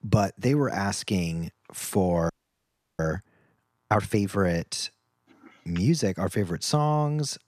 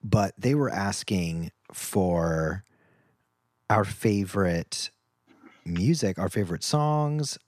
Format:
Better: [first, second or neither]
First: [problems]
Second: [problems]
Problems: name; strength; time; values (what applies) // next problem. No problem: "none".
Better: second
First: audio freezing; at 2.5 s for 0.5 s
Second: none